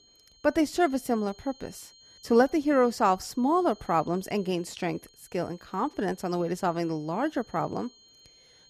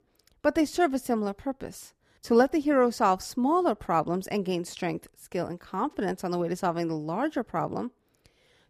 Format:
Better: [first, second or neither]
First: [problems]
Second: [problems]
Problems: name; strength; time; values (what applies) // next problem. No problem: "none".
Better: second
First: high-pitched whine; faint; throughout; 4 kHz, 25 dB below the speech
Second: none